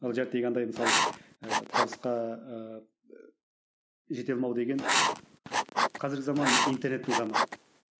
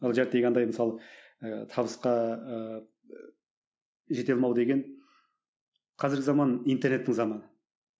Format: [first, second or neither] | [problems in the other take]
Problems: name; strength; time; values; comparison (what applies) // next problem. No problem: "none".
second | background sound (Writing); 4 dB above the speech